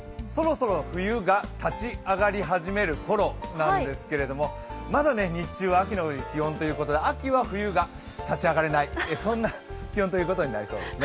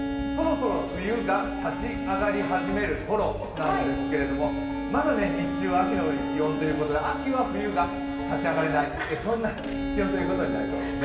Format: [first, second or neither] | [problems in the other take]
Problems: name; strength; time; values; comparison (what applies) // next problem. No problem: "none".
first | background sound (Bowed string instrument); 3 dB below the speech // room echo; dies away in 1.2 s